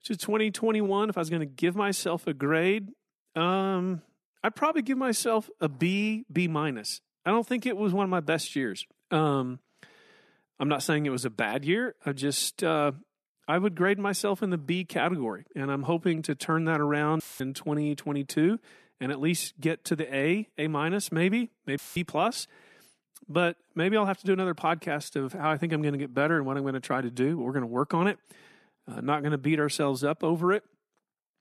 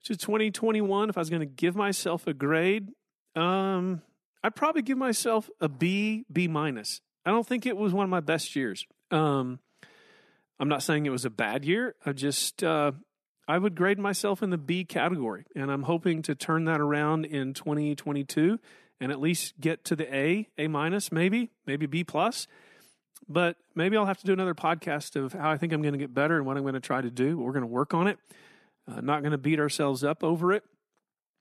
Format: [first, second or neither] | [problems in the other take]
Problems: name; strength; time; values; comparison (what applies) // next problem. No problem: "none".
second | audio cutting out; filled with static; at 17 s and at 22 s